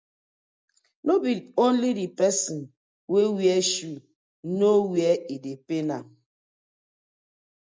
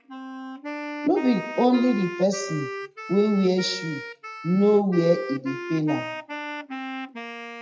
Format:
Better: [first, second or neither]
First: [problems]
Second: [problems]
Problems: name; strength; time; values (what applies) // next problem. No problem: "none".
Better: first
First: none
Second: noise reduction (classical method WPE with log-MMSE)